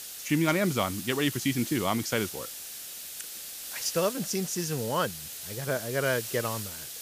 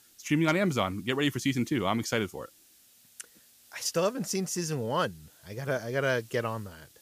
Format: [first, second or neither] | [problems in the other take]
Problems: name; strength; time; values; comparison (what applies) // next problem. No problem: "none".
second | hiss; loud; throughout; 7 dB below the speech; faint in the second